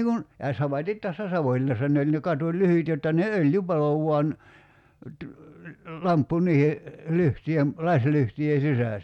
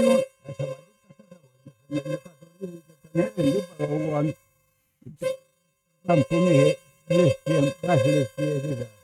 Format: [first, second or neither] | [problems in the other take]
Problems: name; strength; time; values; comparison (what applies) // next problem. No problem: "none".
first | noise reduction (neural mask model RNNoise)